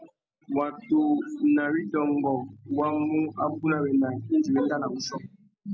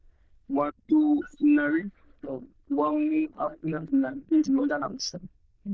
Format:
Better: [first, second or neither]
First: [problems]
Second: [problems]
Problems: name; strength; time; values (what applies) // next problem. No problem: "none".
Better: first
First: none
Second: noise reduction (neural diffusion model UNIVERSE++)